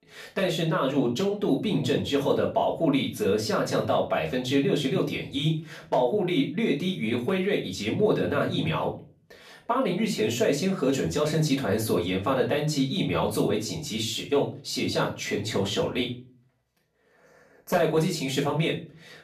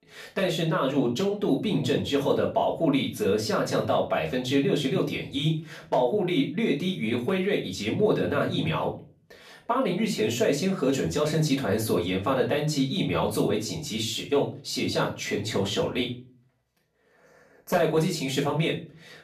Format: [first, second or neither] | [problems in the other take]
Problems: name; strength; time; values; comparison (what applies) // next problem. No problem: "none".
neither | room echo; slight; dies away in 0.3 s; the same in both // off-mic speech; far; the same in both